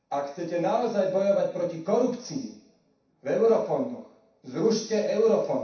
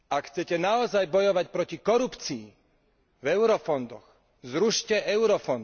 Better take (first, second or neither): second